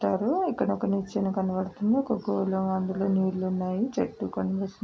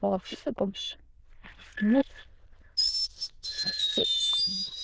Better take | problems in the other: first | noise reduction (neural diffusion model UNIVERSE++)

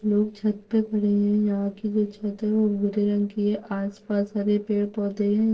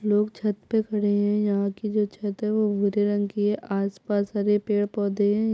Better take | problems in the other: second | noise reduction (neural separator model SepFormer DNS4)

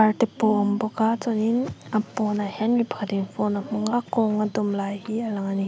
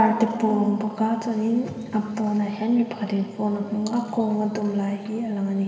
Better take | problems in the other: first | room echo; dies away in 2.1 s

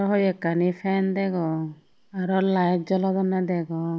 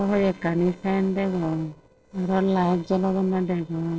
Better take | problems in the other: first | noise reduction (neural separator model SepFormer DNS4)

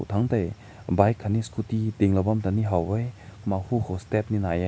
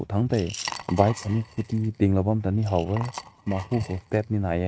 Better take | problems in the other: first | noise reduction (neural mask model RNNoise)

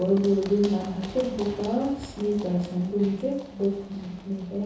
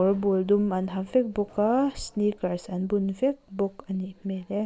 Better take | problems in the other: second | background sound (Run); 16 dB below the speech // room echo; dies away in 0.6 s

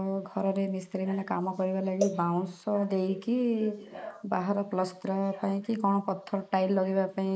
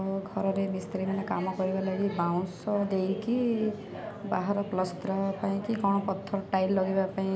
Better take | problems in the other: second | noise reduction (neural mask model Resemble Enhance denoiser)

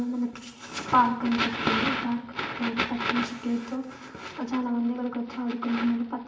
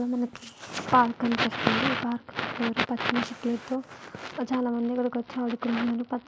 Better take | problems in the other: second | room echo; dies away in 0.9 s

